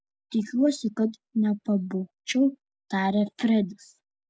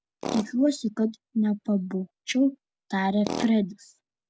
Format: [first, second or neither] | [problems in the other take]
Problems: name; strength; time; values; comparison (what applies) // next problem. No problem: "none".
first | background sound (Tools); 13 dB below the speech